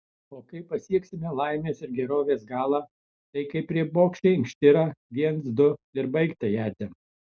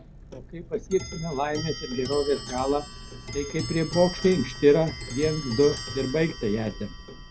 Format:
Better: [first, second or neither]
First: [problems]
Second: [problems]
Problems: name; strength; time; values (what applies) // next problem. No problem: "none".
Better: first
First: none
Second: background sound (Clock); 11 dB below the speech